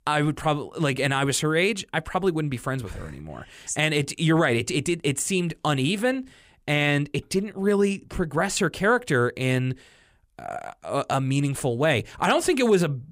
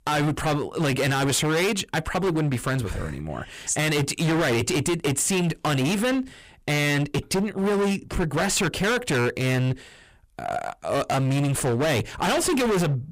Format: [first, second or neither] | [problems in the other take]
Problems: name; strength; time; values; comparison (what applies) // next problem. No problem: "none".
first | distortion; heavy; 26% of the sound clipped